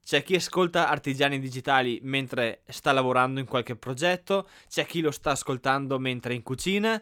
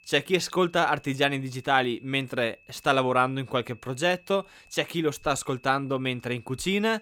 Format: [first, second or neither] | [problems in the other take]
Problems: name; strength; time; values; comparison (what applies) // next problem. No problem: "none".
first | high-pitched whine; faint; throughout; 2.5 kHz, 30 dB below the speech